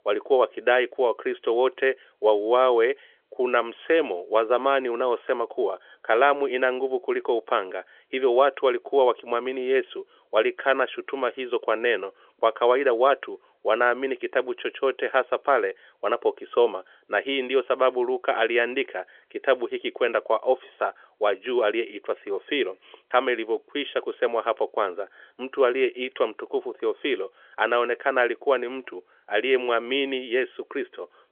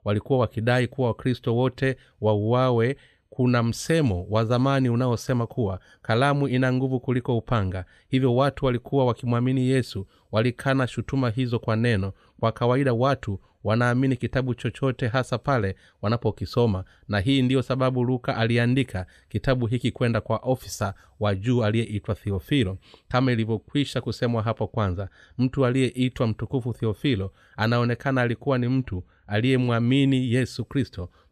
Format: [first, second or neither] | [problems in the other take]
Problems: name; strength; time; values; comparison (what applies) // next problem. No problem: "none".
second | phone-call audio; nothing above 3.5 kHz